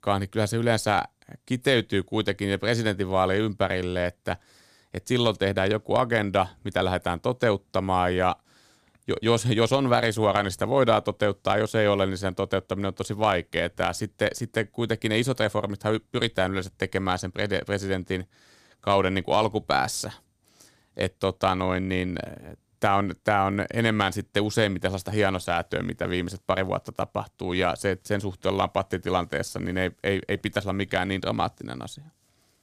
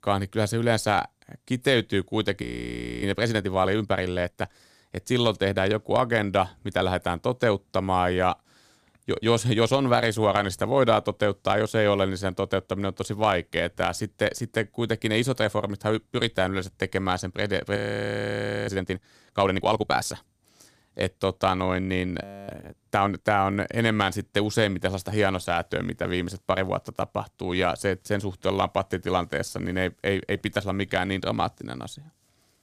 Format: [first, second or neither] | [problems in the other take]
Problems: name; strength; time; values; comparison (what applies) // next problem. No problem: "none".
first | audio freezing; at 2.5 s for 0.5 s, at 18 s for 1 s and at 22 s